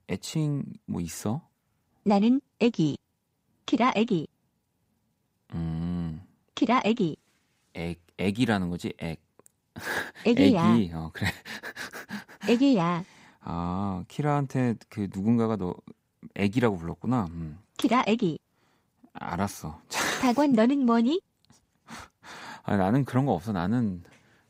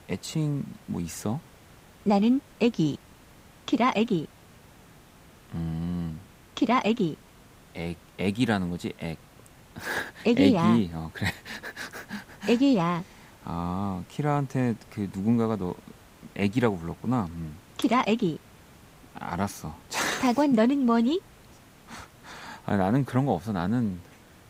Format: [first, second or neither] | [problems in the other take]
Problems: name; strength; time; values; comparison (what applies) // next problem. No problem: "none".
first | hiss; faint; throughout; 25 dB below the speech